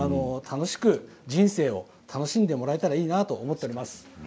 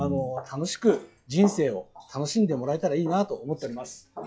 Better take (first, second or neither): first